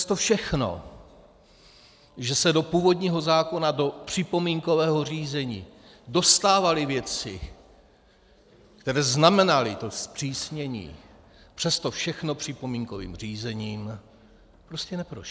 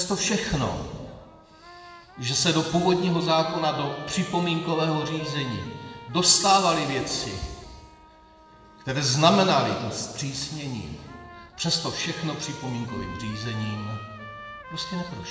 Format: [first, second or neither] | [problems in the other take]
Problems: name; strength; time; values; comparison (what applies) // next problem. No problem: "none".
first | background sound (Trumpet); 17 dB below the speech // room echo; dies away in 1.5 s